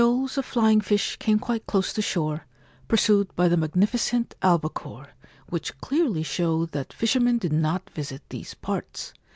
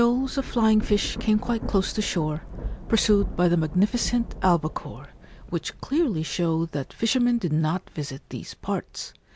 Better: first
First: none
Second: background sound (Thunder / Rain); 11 dB below the speech

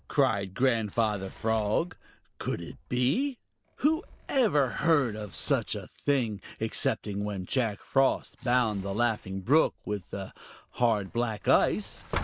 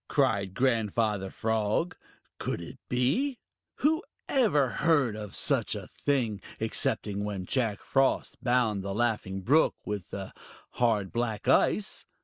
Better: second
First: background sound (Sliding door); 18 dB below the speech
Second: none

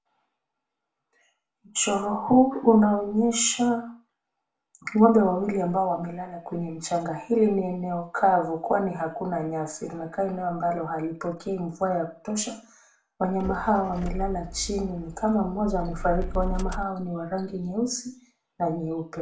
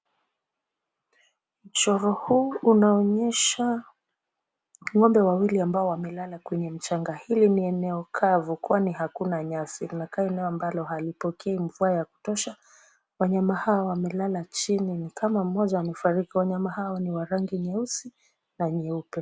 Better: second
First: background sound (Motor vehicle (road)); 6 dB below the speech // room echo; dies away in 0.4 s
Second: none

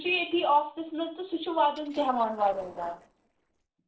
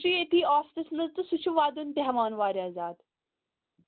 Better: second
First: noise reduction (neural separator model SepFormer DNS4)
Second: none

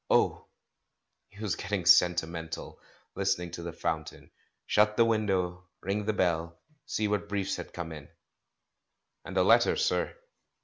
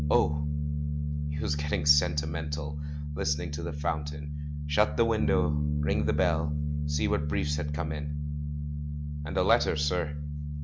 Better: first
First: none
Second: background sound (Bass guitar); 1 dB above the speech

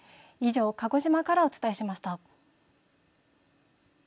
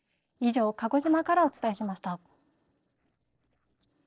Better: first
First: none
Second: noise reduction (neural separator model SepFormer DNS4)

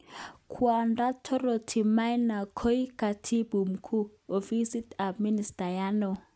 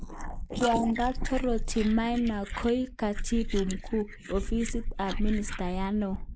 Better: first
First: none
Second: noise reduction (neural mask model Resemble Enhance denoiser)

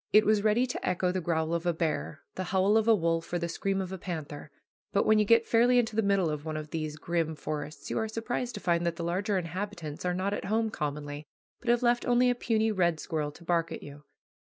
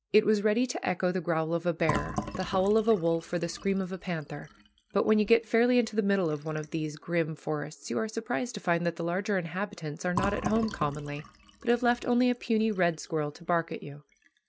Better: first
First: none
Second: background sound (Fill (with liquid)); 14 dB below the speech

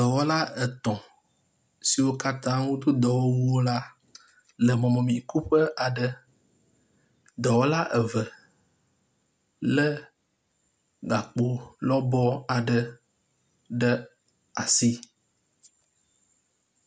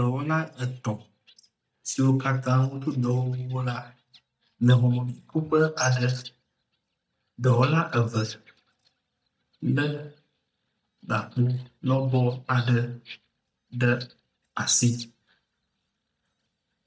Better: first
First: none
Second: noise reduction (neural mask model DeepFilterNet 3)

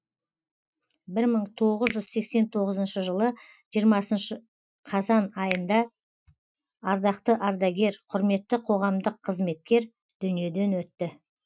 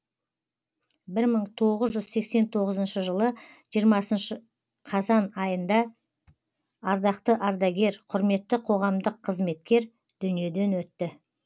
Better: second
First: noise reduction (classical method Wiener filter)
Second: none

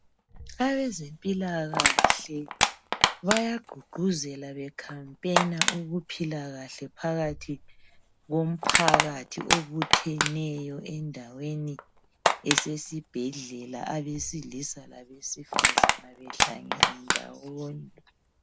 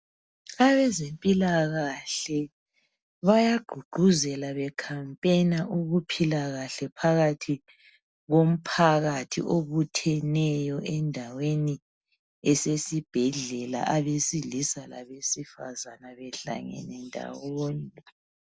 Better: second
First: background sound (Crushing); 3 dB above the speech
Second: none

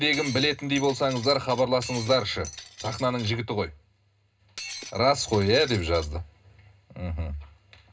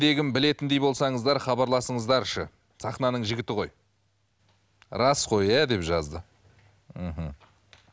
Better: second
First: background sound (Shatter); 14 dB below the speech // room echo; dies away in 0.2 s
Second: none

